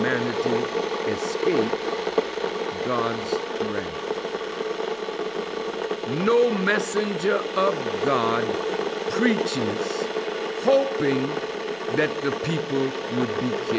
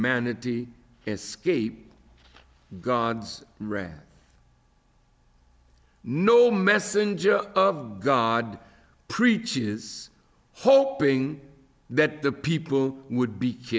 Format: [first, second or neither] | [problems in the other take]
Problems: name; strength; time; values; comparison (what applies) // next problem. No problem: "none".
second | background sound (Boiling / Water); as loud as the speech